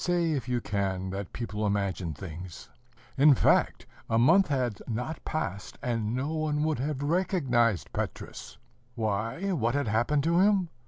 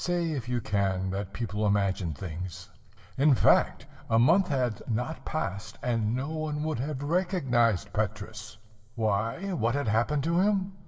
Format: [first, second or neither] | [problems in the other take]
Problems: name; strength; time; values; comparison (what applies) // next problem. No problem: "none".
first | room echo; dies away in 0.8 s